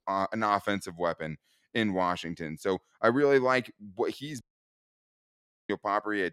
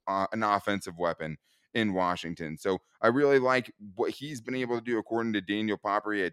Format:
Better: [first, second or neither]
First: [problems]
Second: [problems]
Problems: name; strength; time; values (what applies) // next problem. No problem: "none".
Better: second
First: audio cutting out; at 4.5 s for 1.5 s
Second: none